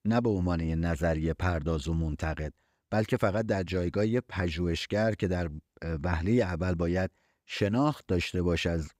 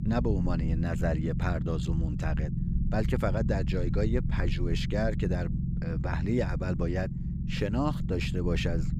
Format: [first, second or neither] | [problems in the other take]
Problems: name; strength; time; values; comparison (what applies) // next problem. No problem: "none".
first | low rumble; loud; throughout; 8 dB below the speech